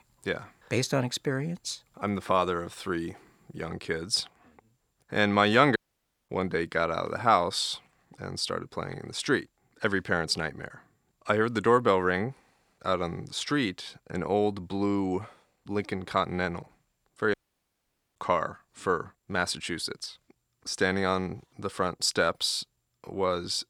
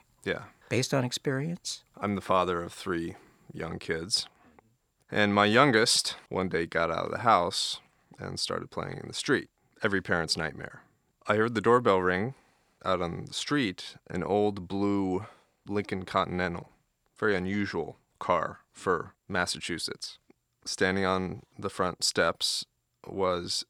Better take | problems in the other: second | audio cutting out; at 6 s for 0.5 s and at 17 s for 1 s

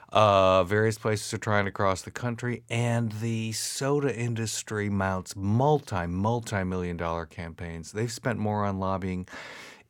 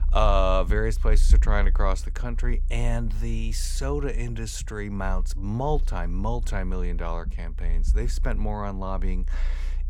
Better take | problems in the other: first | low rumble; faint; throughout; 20 dB below the speech

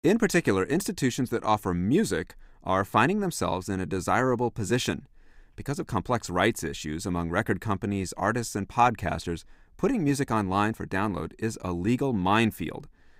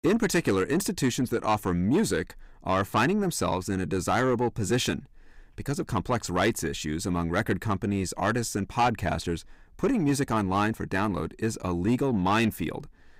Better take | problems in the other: first | distortion; slight; 10 dB below the speech

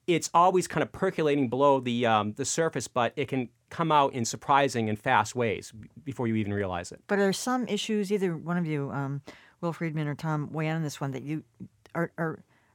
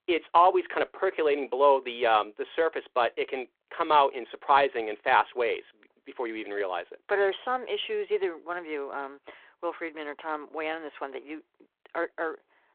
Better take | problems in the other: first | phone-call audio

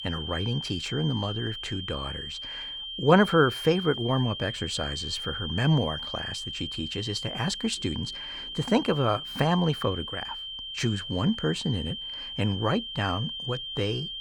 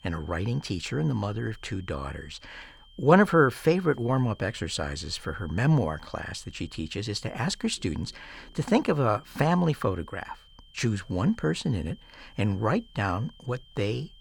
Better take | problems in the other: second | high-pitched whine; loud; throughout; 3 kHz, 6 dB below the speech; faint in the second

